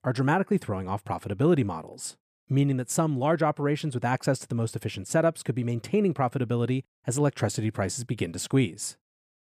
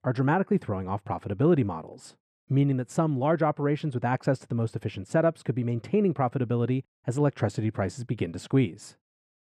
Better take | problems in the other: first | muffled; slightly; fading above 2 kHz

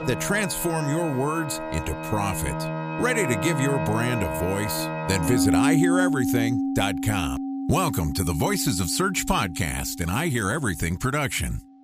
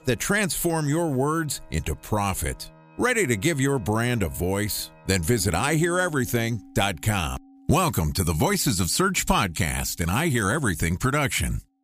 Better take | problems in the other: second | background music; loud; throughout; 2 dB below the speech; faint in the second

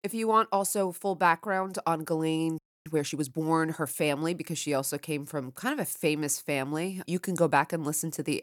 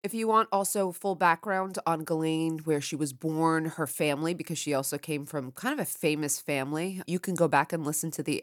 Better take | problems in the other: second | audio freezing; at 2.5 s

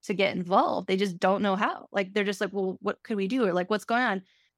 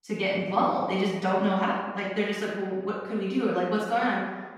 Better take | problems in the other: first | off-mic speech; far // room echo; noticeable; dies away in 1.2 s

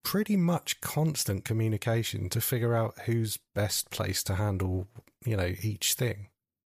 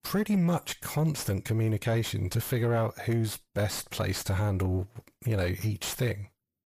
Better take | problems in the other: first | distortion; slight; 9 dB below the speech

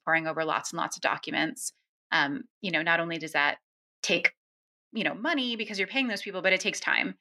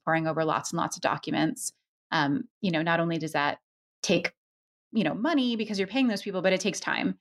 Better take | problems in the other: second | thin; very slightly; fading below 750 Hz

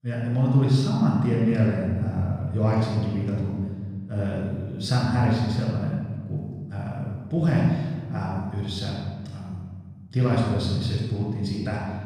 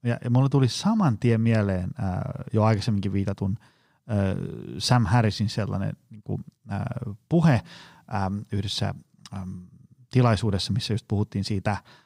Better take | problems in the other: second | off-mic speech; far // room echo; strong; dies away in 1.6 s

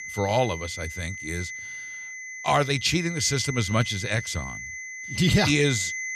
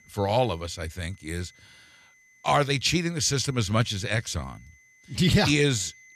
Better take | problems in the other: second | high-pitched whine; loud; throughout; 2 kHz, 8 dB below the speech; faint in the second

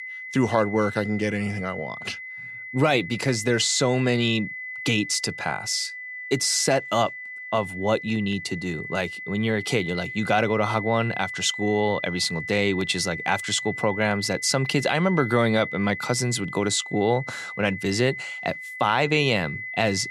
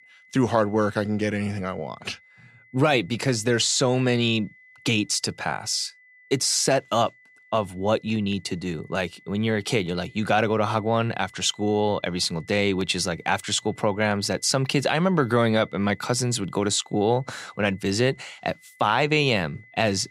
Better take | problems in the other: second | high-pitched whine; loud; throughout; 2 kHz, 9 dB below the speech; faint in the second

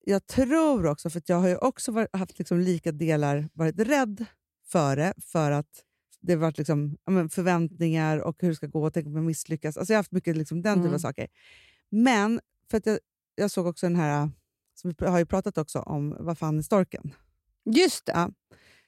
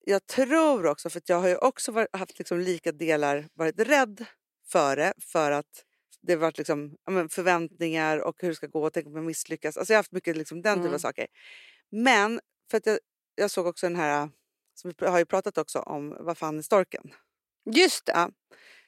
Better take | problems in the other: first | thin; somewhat; fading below 400 Hz

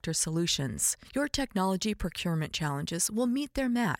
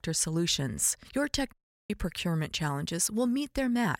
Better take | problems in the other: first | audio cutting out; at 1.5 s

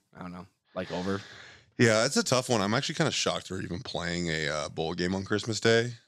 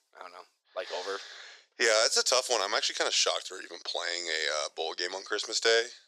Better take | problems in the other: first | thin; very; fading below 400 Hz

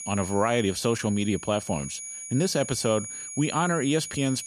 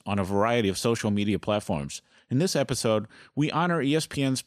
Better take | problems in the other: second | high-pitched whine; loud; throughout; 6.5 kHz, 10 dB below the speech

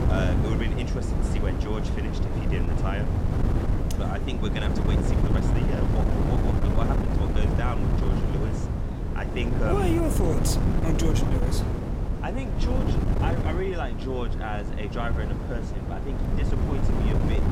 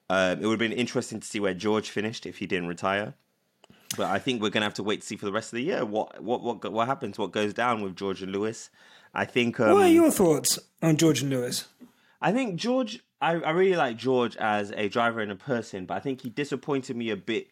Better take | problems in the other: second | wind noise on the microphone; heavy; as loud as the speech

